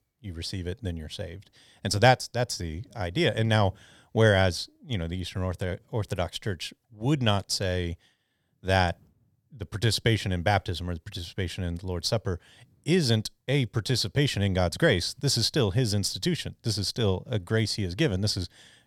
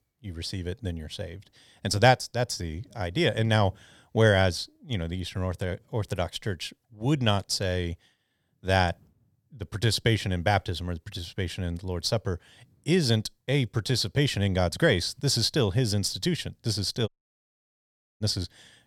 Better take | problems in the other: first | audio cutting out; at 17 s for 1 s

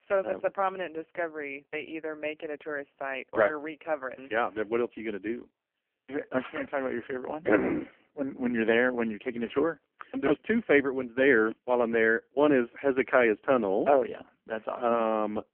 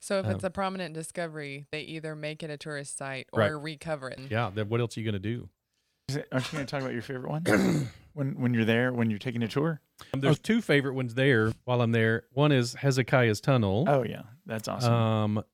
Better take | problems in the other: second | phone-call audio; poor line; nothing above 3 kHz

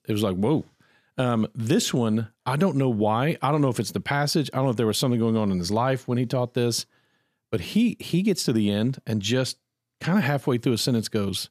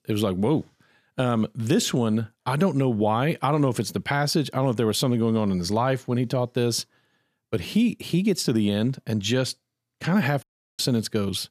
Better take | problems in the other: first | audio cutting out; at 10 s

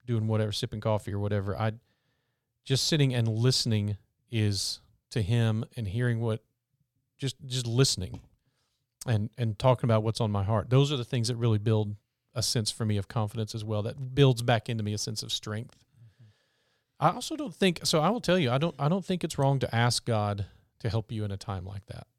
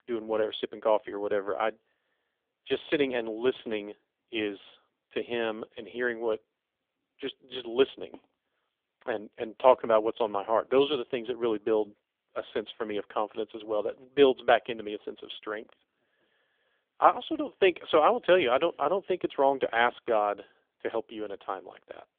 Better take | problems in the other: first | phone-call audio; poor line; nothing above 3.5 kHz

